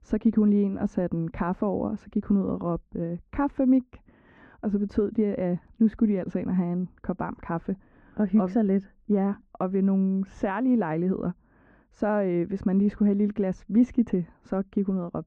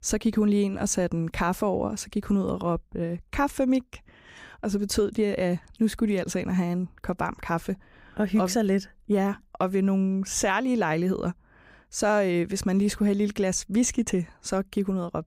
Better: second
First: muffled; very; fading above 1.5 kHz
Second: none

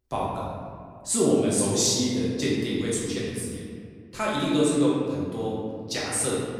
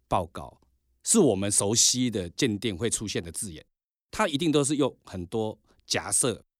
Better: second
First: room echo; strong; dies away in 1.9 s // off-mic speech; far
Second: none

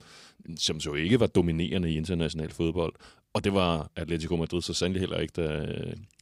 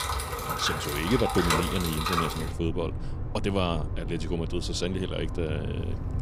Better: first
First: none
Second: traffic noise; loud; throughout; 1 dB below the speech

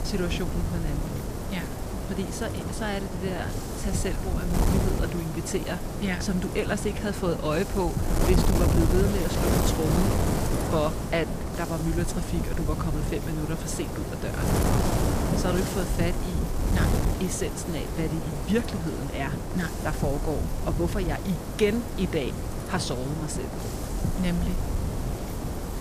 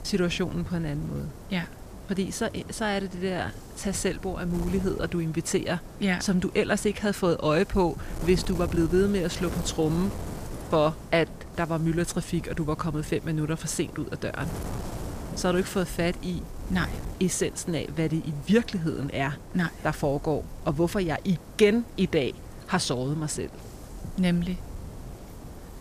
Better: second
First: wind noise on the microphone; heavy; 2 dB below the speech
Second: wind noise on the microphone; occasional gusts; 15 dB below the speech

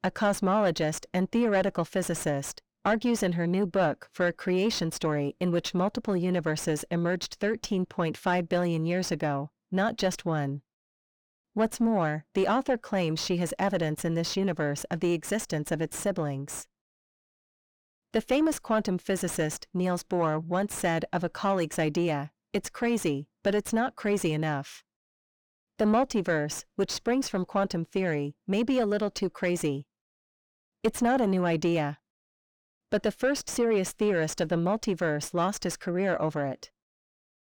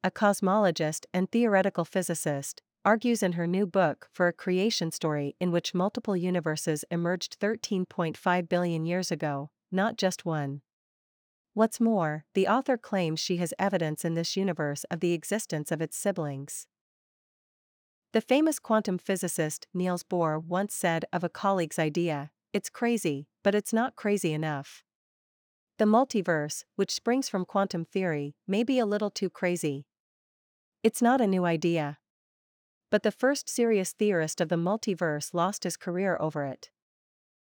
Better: second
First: distortion; slight; 10 dB below the speech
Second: none

